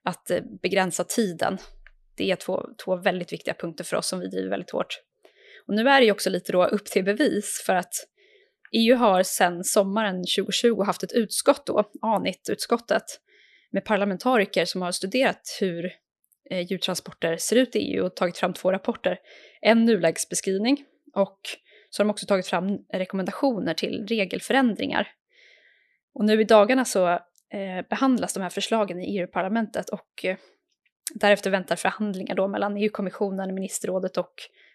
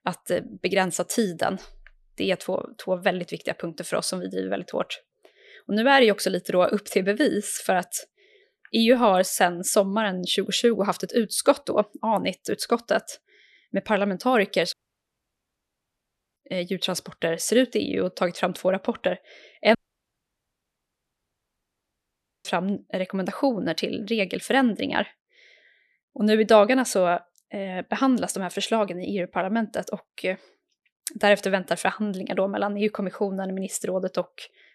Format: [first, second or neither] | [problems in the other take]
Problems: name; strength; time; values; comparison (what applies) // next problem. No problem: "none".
first | audio cutting out; at 15 s for 1.5 s and at 20 s for 2.5 s